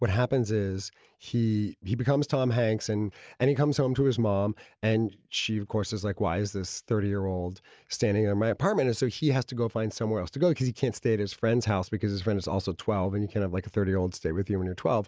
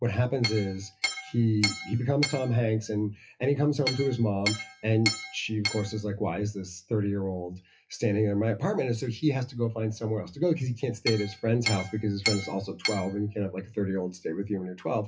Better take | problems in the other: first | noise reduction (classical method WPE with log-MMSE)

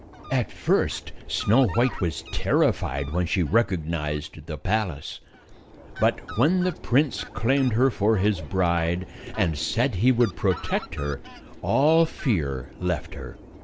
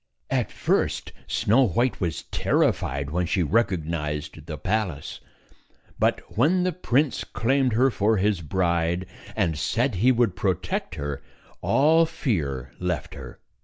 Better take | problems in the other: second | background sound (Fowl); 18 dB below the speech

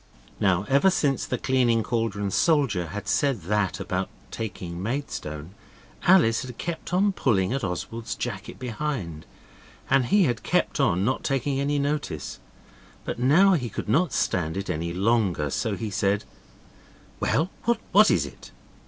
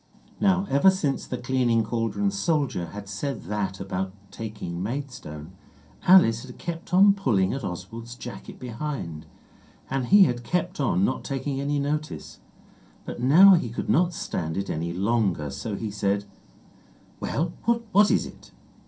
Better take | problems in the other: first | room echo; dies away in 0.3 s

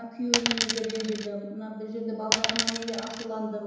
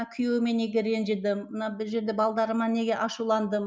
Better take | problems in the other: second | background sound (Coin (dropping)); 3 dB above the speech // room echo; dies away in 1 s

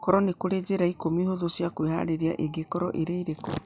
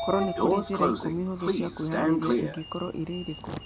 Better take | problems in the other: first | background sound (Sliding door); 2 dB above the speech

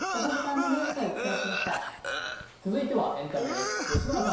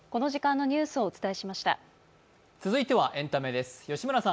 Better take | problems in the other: second | background sound (Cough); 1 dB below the speech // room echo; dies away in 0.7 s

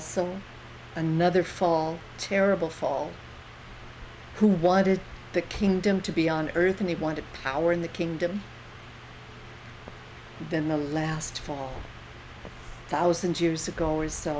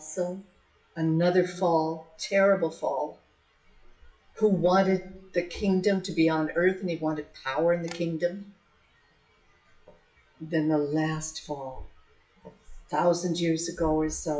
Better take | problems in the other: first | noise reduction (classical method WPE with log-MMSE)

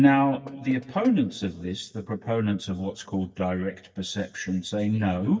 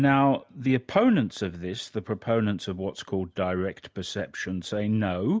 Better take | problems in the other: second | noise reduction (neural mask model DeepFilterNet 3)

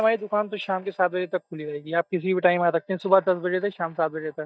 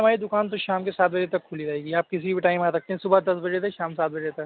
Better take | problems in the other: second | noise reduction (neural mask model DeepFilterNet 3)

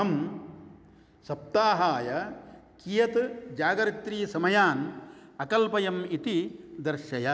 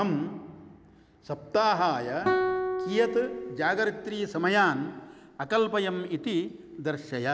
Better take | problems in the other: first | background sound (Guitar); 5 dB below the speech

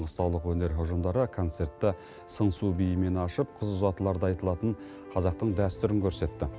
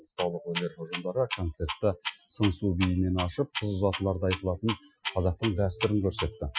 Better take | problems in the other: first | noise reduction (classical method Wiener filter)

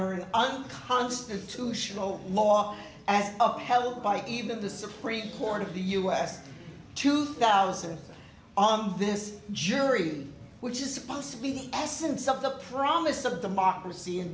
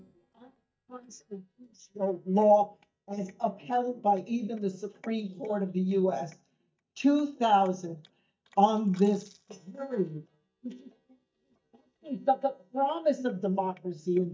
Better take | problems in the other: first | noise reduction (neural mask model DeepFilterNet 3)

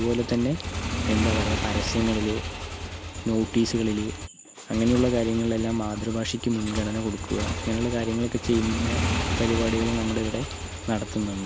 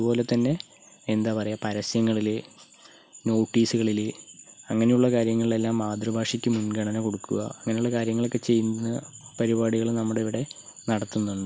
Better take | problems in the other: second | background sound (Motorcycle / Engine); 4 dB below the speech

